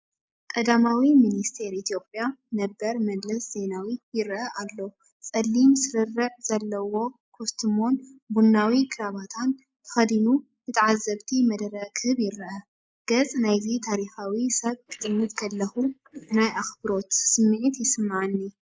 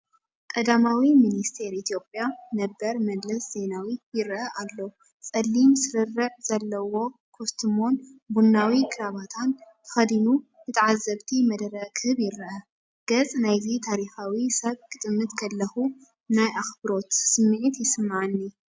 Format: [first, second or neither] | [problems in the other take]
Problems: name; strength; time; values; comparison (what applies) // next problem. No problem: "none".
second | noise reduction (neural mask model Resemble Enhance denoiser)